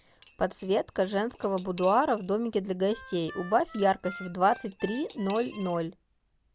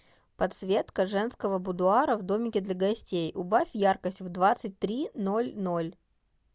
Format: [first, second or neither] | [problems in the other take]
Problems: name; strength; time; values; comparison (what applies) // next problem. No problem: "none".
second | background sound (Cutlery, silverware / Dishes, pots, and pans + Harmonica); 19 dB below the speech